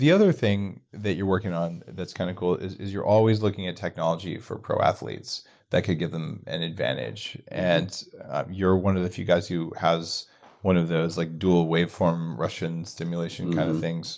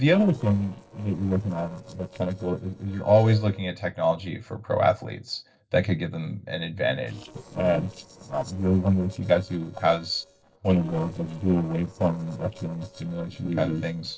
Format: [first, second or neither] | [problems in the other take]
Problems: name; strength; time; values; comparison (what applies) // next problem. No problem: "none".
first | noise reduction (neural separator model SepFormer DNS4)